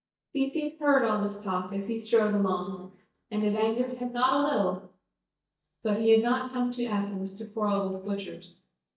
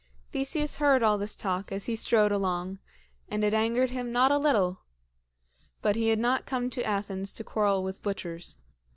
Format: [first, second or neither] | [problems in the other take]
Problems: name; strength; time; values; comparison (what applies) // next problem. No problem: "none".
second | noise reduction (neural mask model DeepFilterNet 3)